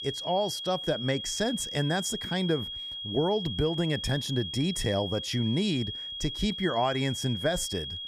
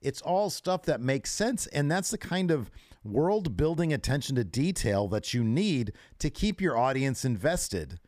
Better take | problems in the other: second | high-pitched whine; loud; throughout; 3.5 kHz, 5 dB below the speech

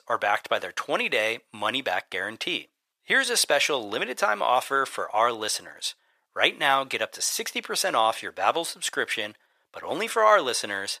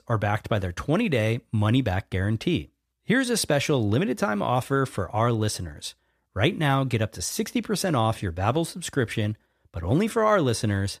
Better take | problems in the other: second | thin; very; fading below 700 Hz

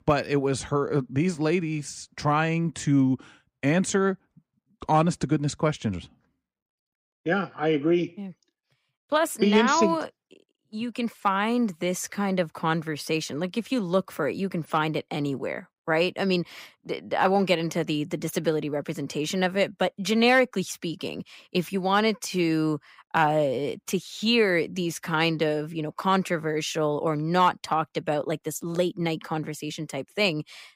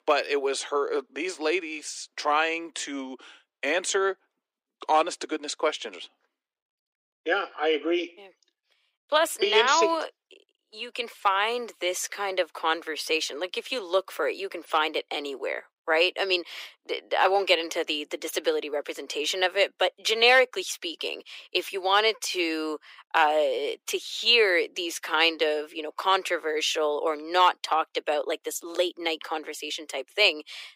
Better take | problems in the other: first | thin; very; fading below 350 Hz

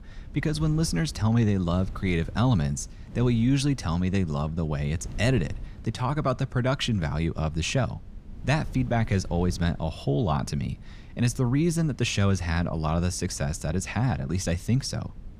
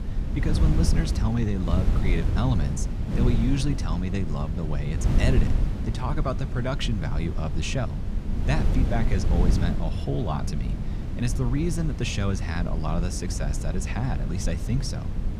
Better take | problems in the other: first | wind noise on the microphone; heavy; 6 dB below the speech; occasional gusts in the first

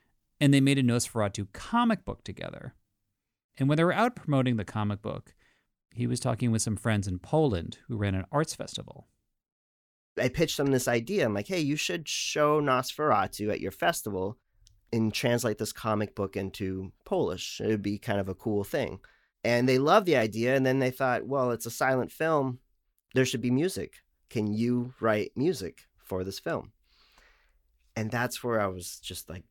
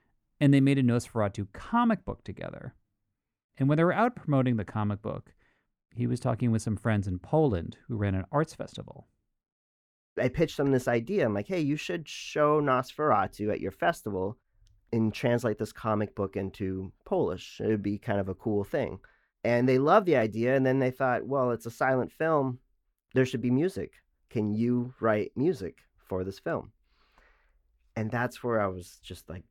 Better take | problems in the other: first | muffled; slightly; fading above 2.5 kHz

